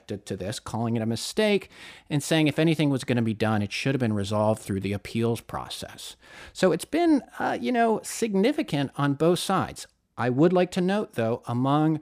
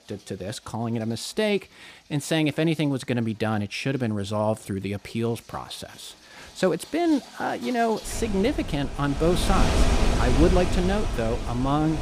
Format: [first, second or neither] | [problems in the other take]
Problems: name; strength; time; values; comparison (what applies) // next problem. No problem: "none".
first | rain or running water; loud; throughout; 2 dB below the speech